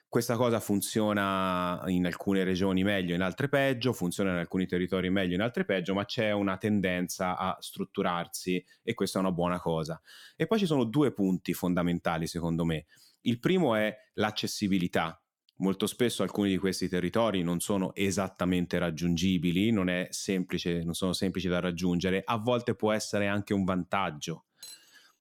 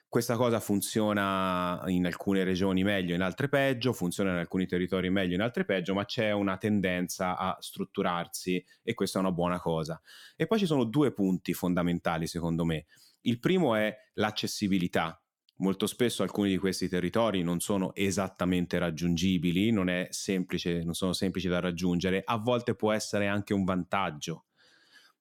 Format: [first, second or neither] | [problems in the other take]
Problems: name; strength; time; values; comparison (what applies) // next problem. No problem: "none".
second | clattering dishes; faint; at 25 s; peak 15 dB below the speech